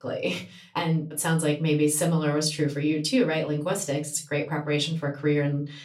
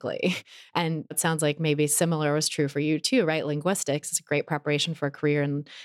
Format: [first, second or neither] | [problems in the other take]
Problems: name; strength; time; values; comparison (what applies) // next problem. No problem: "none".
second | off-mic speech; far // room echo; very slight; dies away in 0.3 s